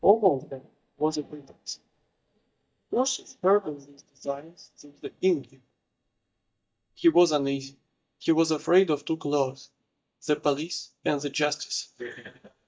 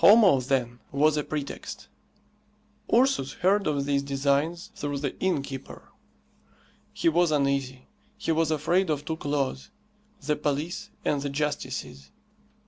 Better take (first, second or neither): second